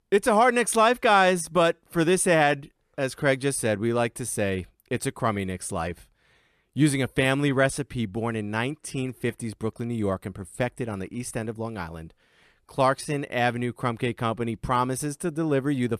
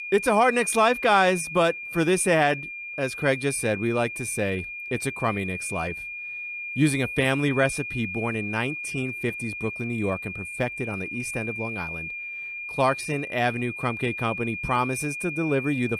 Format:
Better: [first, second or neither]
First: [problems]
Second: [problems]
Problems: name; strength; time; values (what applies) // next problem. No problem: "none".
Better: first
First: none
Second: high-pitched whine; loud; throughout; 2.5 kHz, 7 dB below the speech